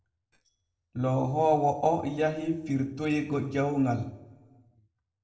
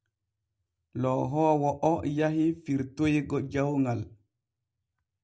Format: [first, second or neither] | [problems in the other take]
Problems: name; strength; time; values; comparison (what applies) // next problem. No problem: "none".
second | noise reduction (neural separator model SepFormer DNS4)